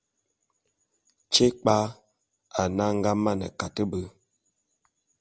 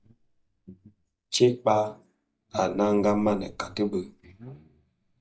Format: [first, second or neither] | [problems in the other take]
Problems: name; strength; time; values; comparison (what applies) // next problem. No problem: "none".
first | noise reduction (neural mask model DeepFilterNet 3)